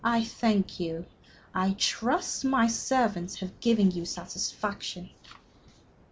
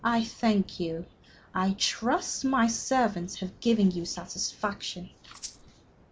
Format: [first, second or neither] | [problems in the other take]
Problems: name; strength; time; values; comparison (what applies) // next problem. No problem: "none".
first | background sound (Rattle (instrument)); 15 dB below the speech